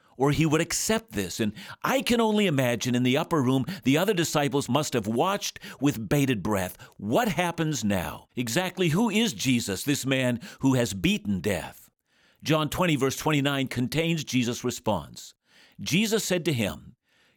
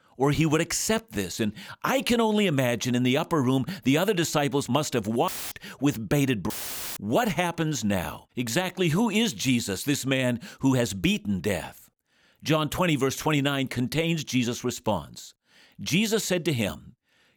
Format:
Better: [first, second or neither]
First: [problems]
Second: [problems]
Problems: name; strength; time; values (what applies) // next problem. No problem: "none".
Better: first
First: none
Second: audio cutting out; filled with static; at 5.5 s and at 6.5 s